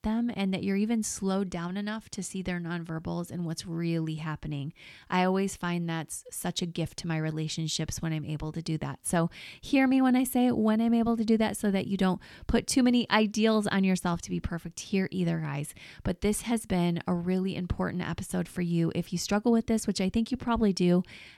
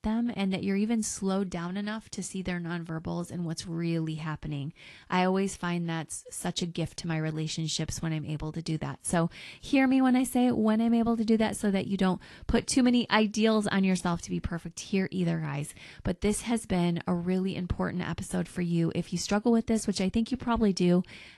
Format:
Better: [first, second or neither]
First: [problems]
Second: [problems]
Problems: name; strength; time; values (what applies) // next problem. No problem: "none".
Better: first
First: none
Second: garbled, watery; slightly; nothing above 11.5 kHz